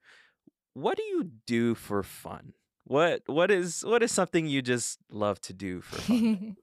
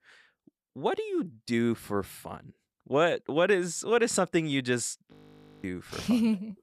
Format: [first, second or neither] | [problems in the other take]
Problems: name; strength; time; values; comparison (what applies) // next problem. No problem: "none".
first | audio freezing; at 5 s for 0.5 s